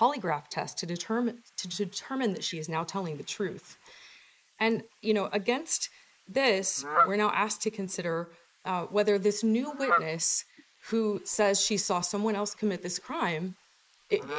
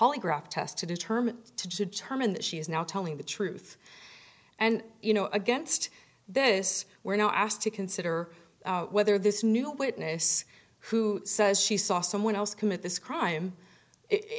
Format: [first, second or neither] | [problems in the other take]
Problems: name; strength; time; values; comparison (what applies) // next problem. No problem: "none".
second | noise reduction (neural mask model Resemble Enhance denoiser)